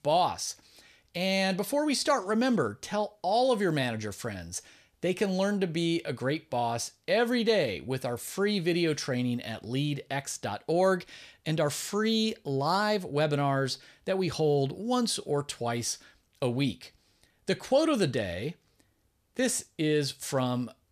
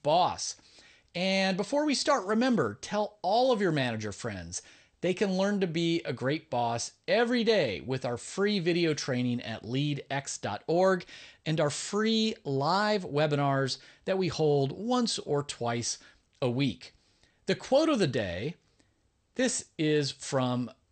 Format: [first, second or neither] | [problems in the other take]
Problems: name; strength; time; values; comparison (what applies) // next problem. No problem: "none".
first | garbled, watery; slightly; nothing above 8.5 kHz